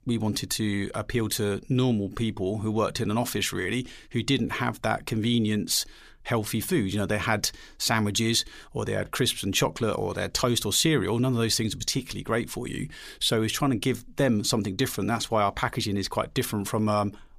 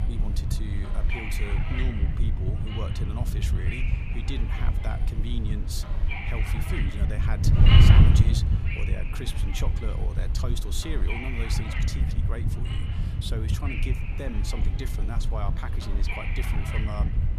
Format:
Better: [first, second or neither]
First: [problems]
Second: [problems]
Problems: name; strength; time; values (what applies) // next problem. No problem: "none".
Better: first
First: none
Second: wind noise on the microphone; heavy; 4 dB above the speech